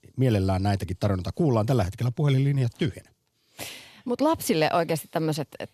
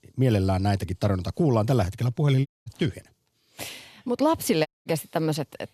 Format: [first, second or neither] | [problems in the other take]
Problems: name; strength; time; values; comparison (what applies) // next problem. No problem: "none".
first | audio cutting out; at 2.5 s and at 4.5 s